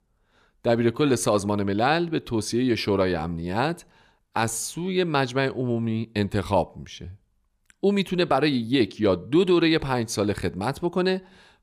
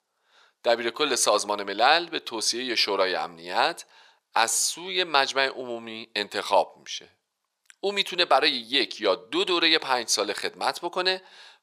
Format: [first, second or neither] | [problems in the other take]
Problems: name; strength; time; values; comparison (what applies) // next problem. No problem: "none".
first | thin; very; fading below 700 Hz